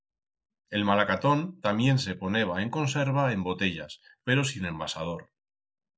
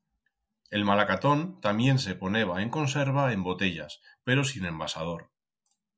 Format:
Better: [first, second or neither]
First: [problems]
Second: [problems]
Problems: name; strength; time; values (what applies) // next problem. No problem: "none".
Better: second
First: noise reduction (neural mask model Resemble Enhance denoiser)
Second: none